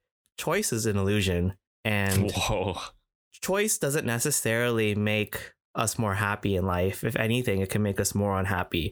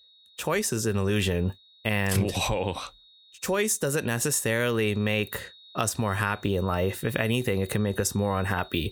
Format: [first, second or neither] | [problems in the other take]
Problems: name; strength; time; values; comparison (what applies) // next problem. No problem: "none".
first | high-pitched whine; faint; throughout; 4 kHz, 25 dB below the speech